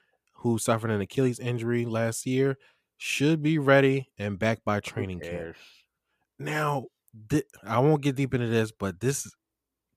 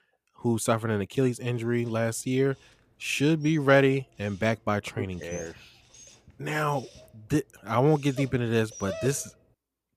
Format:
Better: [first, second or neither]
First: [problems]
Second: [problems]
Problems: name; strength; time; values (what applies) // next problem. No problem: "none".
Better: first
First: none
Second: dog barking; noticeable; from 3.5 to 9 s; peak 9 dB below the speech